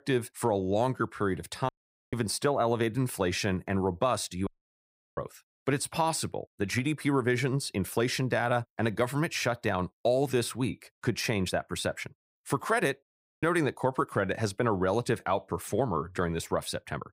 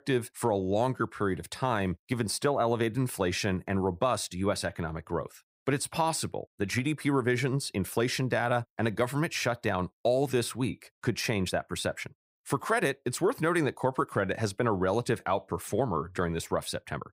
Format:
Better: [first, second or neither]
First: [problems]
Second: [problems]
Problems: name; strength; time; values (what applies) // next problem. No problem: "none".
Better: second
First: audio cutting out; at 1.5 s, at 4.5 s for 0.5 s and at 13 s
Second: none